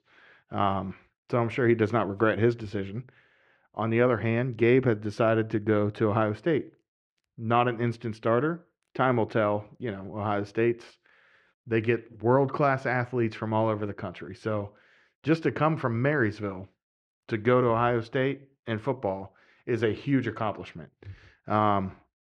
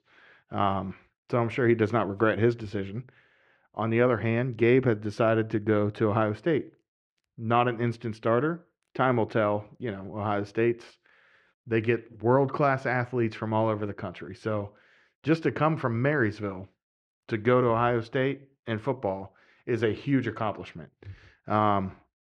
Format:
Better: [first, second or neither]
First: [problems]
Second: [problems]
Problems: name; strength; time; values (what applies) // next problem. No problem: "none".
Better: neither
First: muffled; very; fading above 2 kHz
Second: muffled; very; fading above 2 kHz